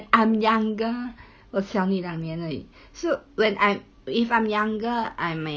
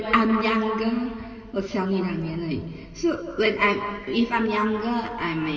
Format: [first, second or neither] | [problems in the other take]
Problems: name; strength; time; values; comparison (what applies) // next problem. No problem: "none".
first | room echo; dies away in 2.2 s